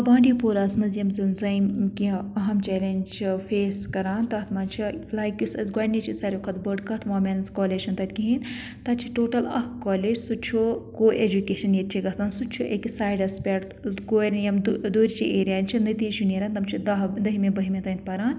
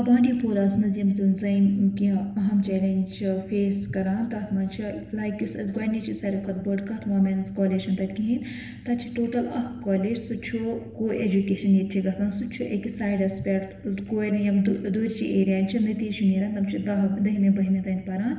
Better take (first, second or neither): first